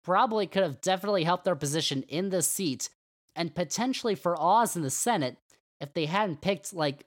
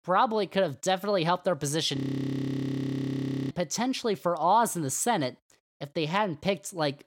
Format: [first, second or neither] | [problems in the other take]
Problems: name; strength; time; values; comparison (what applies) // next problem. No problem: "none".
first | audio freezing; at 2 s for 1.5 s